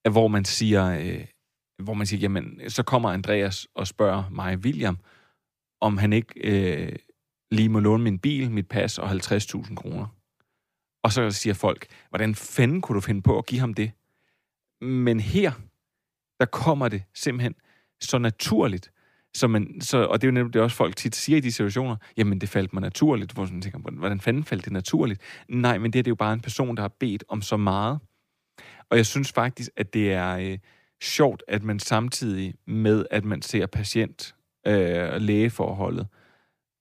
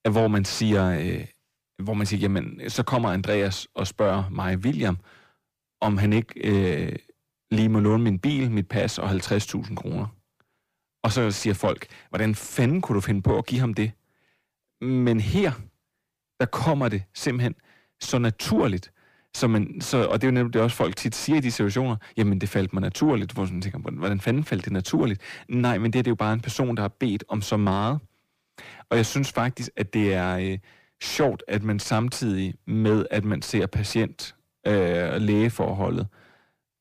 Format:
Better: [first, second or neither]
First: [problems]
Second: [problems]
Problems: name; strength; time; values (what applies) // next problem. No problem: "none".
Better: first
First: none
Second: distortion; slight; 10 dB below the speech